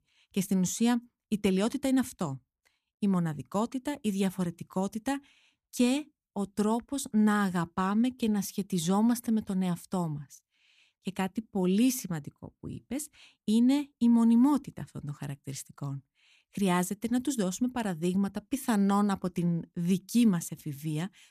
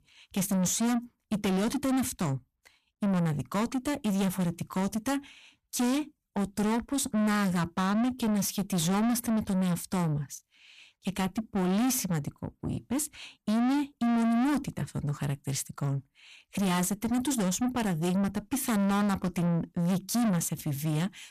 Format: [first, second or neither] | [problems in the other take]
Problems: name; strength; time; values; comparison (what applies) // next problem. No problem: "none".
first | distortion; heavy; 6 dB below the speech